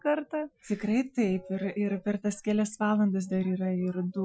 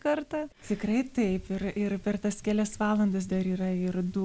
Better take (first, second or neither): second